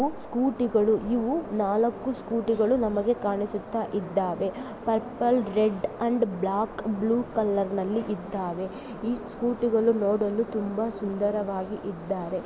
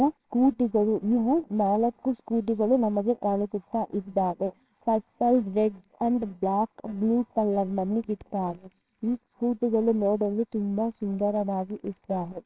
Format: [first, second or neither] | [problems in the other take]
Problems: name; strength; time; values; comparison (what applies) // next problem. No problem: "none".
first | noise reduction (neural separator model SepFormer WHAMR!)